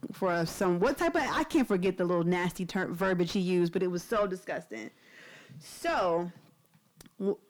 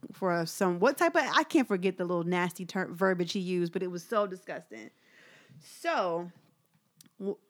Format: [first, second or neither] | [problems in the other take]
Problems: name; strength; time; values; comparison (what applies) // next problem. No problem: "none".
second | distortion; heavy; 7 dB below the speech